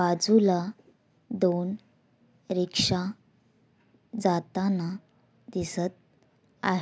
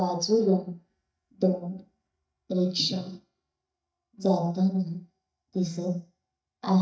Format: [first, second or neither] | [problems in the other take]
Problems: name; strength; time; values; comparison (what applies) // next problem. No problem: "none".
first | noise reduction (neural mask model DeepFilterNet 3)